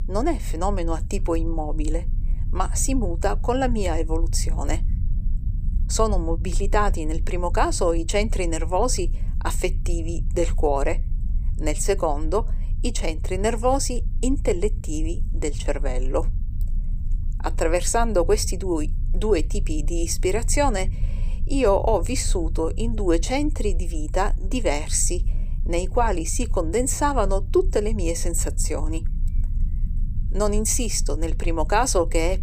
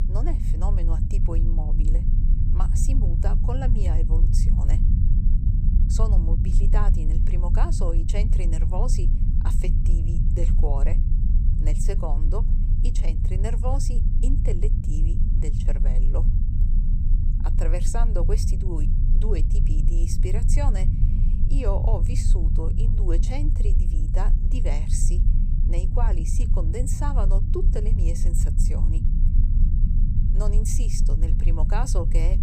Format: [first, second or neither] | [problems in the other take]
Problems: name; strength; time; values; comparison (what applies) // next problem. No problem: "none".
first | low rumble; loud; throughout; 5 dB below the speech; faint in the first